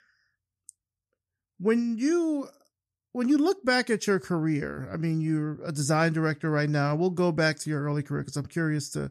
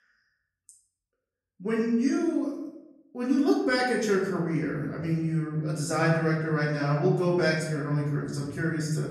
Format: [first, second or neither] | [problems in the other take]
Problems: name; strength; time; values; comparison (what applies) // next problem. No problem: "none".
first | room echo; noticeable; dies away in 0.8 s // off-mic speech; far